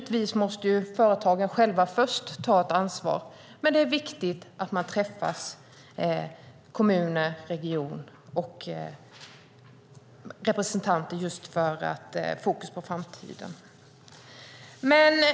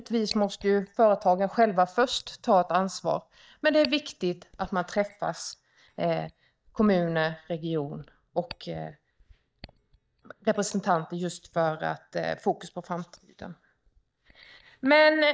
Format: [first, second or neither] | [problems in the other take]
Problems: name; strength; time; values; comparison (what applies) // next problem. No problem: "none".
first | noise reduction (neural mask model DeepFilterNet 3)